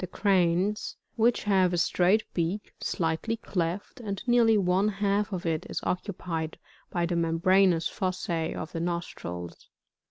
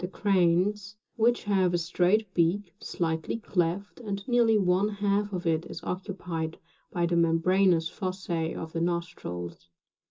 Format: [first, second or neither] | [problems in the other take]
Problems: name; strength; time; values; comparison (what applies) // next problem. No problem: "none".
first | room echo; dies away in 0.2 s